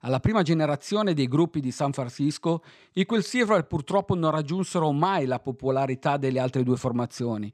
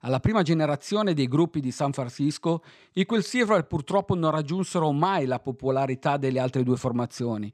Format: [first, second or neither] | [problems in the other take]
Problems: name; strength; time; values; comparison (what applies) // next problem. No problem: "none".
neither | none